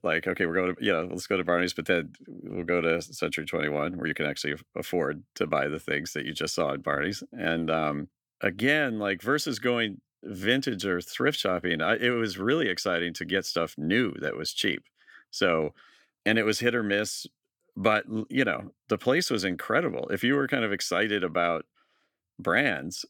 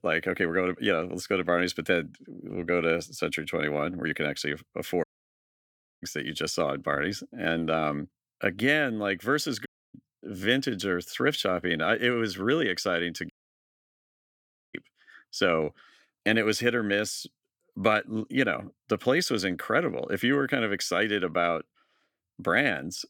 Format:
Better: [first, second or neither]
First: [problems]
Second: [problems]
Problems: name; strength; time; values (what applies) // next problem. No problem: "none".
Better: first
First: none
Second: audio cutting out; at 5 s for 1 s, at 9.5 s and at 13 s for 1.5 s